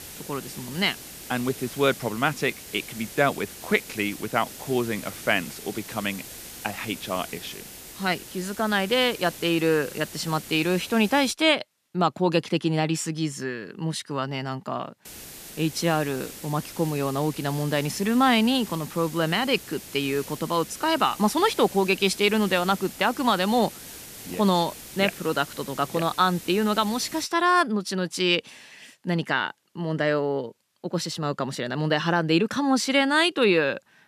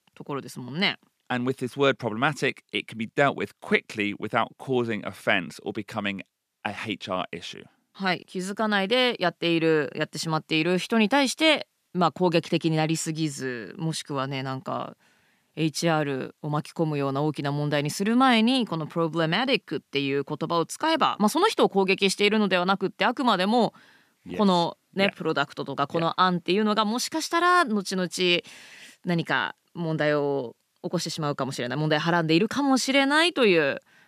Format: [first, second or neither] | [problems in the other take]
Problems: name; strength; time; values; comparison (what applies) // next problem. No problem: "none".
second | hiss; noticeable; until 11 s and from 15 to 27 s; 15 dB below the speech